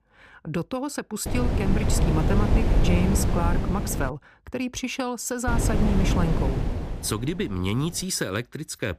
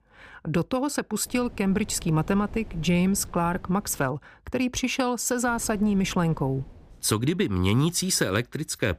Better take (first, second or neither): second